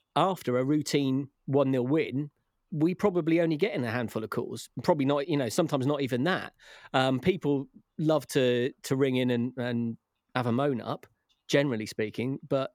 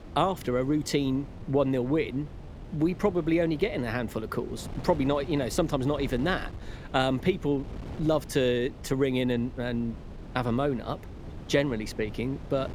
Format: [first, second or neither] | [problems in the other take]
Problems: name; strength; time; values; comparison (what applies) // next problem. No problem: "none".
first | wind noise on the microphone; occasional gusts; 20 dB below the speech